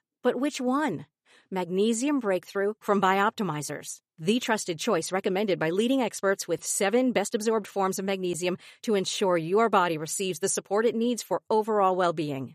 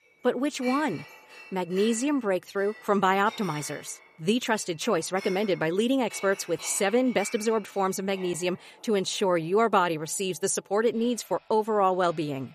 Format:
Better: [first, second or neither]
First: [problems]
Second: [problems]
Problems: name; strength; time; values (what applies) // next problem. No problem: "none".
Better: first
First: none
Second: household noises; noticeable; throughout; 15 dB below the speech